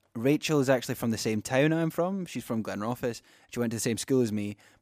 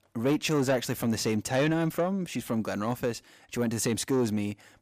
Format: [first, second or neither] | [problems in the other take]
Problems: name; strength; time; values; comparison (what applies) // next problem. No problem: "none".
first | distortion; slight; 10 dB below the speech